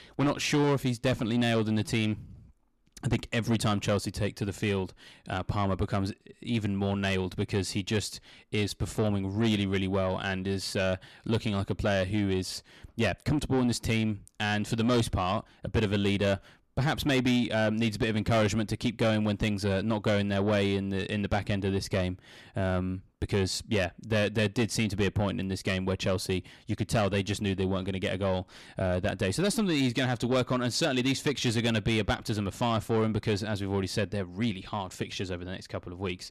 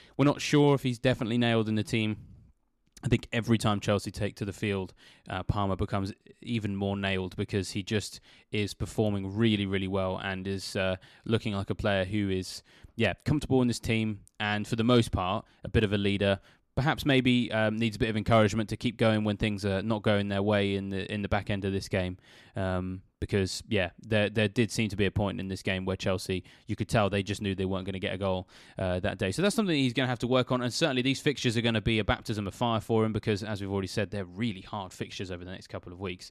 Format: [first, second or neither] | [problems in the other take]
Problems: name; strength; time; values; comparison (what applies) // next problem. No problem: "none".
second | distortion; slight; 10 dB below the speech